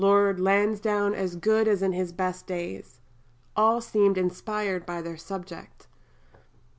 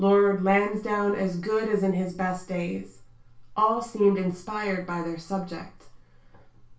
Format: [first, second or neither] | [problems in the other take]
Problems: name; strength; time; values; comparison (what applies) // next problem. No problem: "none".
first | room echo; dies away in 0.3 s